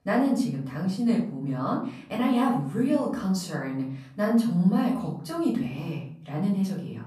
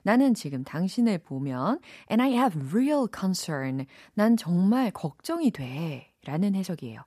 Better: second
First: off-mic speech; far // room echo; slight; dies away in 0.5 s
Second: none

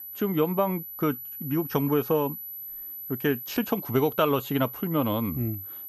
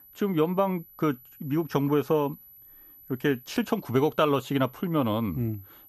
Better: second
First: high-pitched whine; loud; throughout; 12 kHz, 9 dB below the speech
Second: high-pitched whine; faint; throughout; 12 kHz, 20 dB below the speech

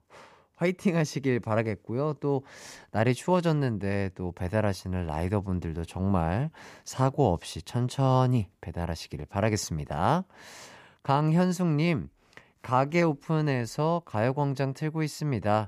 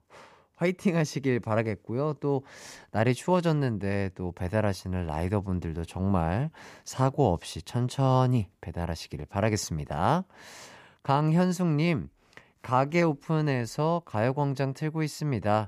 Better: neither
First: none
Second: none

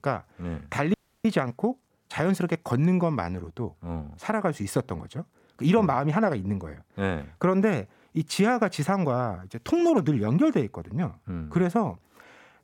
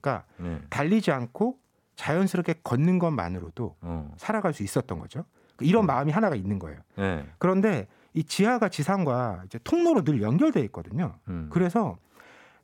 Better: second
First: audio freezing; at 1 s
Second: none

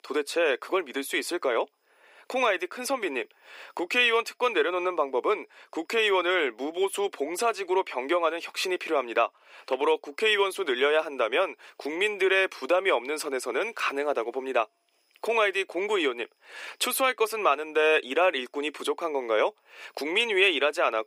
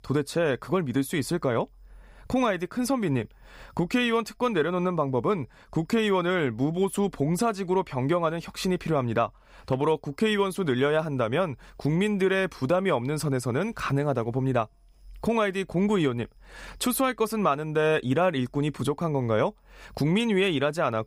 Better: second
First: thin; very; fading below 350 Hz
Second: none

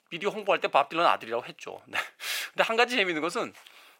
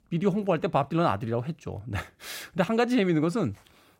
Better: second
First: thin; very; fading below 600 Hz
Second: none

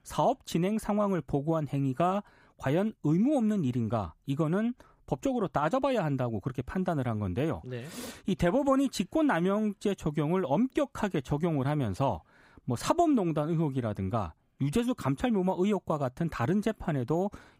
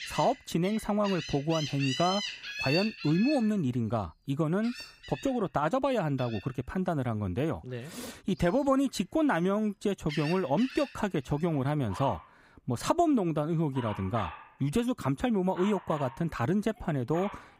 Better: first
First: none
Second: animal sounds; loud; throughout; 9 dB below the speech

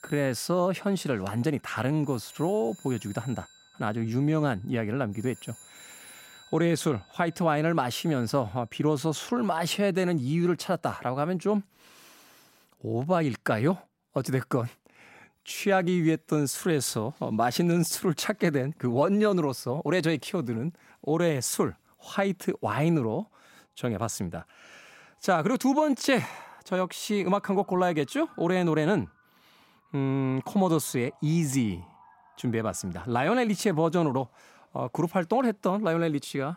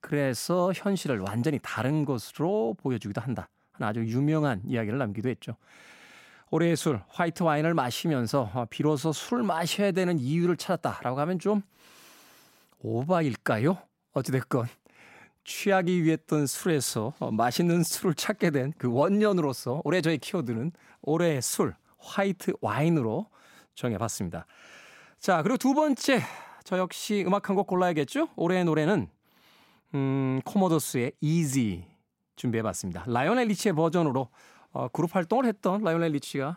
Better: second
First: alarms or sirens; faint; throughout; 25 dB below the speech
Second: none

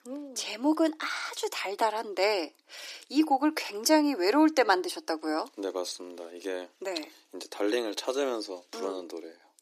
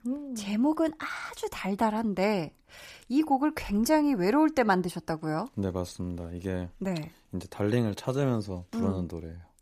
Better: second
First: thin; somewhat; fading below 300 Hz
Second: none

